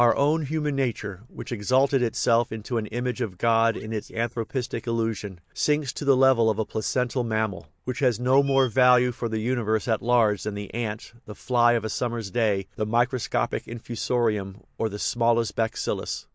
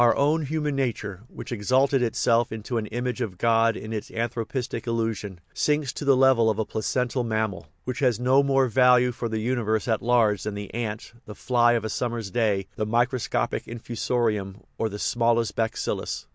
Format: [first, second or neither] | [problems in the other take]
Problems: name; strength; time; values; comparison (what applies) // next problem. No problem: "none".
second | noise reduction (neural mask model Resemble Enhance denoiser)